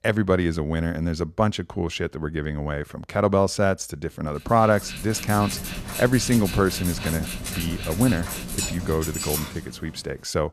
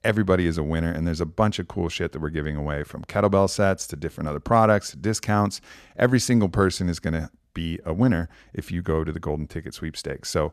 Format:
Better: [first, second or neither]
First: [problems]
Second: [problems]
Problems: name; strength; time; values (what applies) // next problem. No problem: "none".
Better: second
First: dog barking; noticeable; from 4.5 to 10 s; peak 3 dB below the speech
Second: none